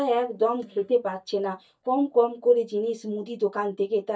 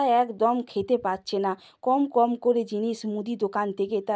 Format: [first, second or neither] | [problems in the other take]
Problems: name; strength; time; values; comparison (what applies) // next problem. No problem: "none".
second | noise reduction (neural mask model DeepFilterNet 3)